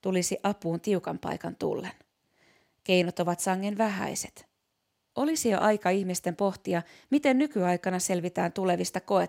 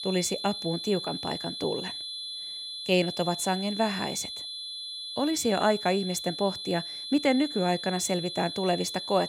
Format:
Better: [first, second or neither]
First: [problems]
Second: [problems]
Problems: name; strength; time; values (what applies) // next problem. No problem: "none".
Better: first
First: none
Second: high-pitched whine; loud; throughout; 4 kHz, 6 dB below the speech